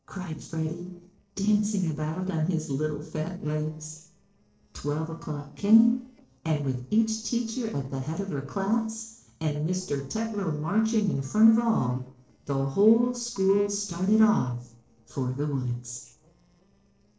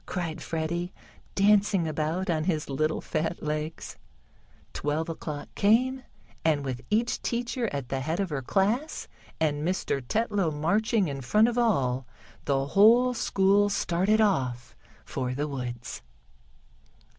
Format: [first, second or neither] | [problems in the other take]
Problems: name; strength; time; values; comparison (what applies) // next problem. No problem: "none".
second | noise reduction (neural separator model SepFormer DNS4)